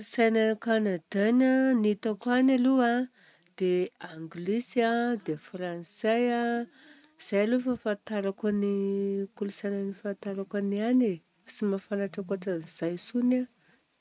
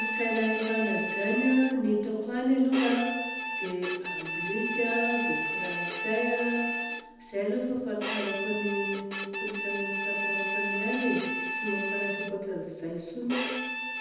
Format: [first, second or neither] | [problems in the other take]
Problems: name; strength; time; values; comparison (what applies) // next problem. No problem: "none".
first | background sound (Bowed string instrument); 3 dB below the speech // room echo; dies away in 1 s